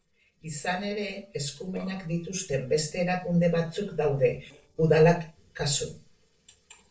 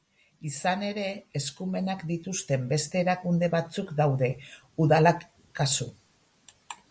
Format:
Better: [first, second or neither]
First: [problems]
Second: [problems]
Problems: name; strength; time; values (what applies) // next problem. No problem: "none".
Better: second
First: noise reduction (neural separator model SepFormer DNS4)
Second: none